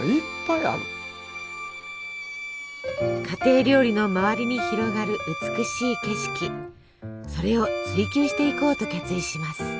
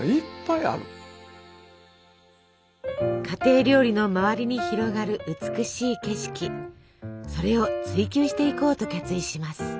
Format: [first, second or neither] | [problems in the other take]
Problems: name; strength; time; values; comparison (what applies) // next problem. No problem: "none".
second | background sound (Bowed string instrument); 10 dB below the speech